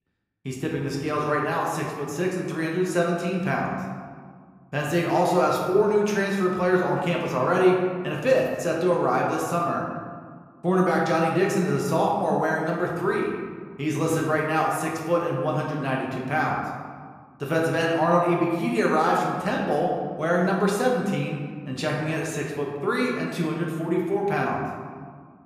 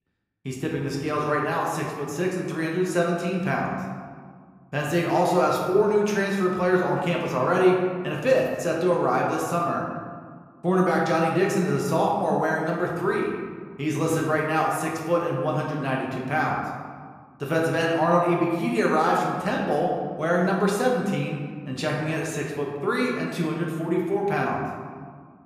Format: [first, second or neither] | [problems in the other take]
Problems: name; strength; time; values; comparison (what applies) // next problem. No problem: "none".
neither | room echo; noticeable; dies away in 1.4 s; the same in both // off-mic speech; somewhat distant; the same in both